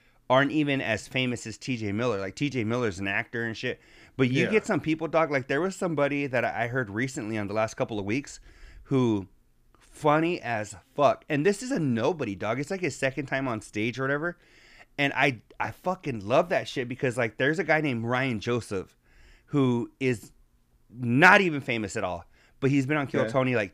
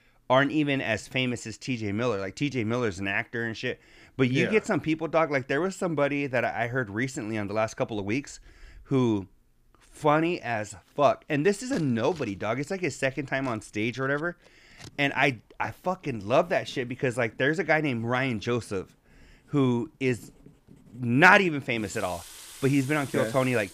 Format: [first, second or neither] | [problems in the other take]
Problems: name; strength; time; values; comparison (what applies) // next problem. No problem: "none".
first | household noises; faint; from 11 s on; 20 dB below the speech